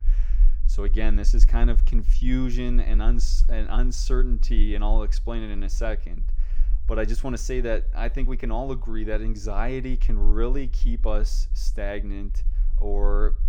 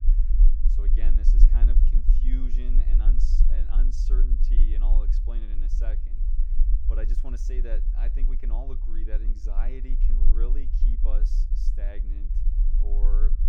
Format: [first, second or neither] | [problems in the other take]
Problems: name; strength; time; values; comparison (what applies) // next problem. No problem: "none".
first | low rumble; loud; throughout; 4 dB below the speech; faint in the first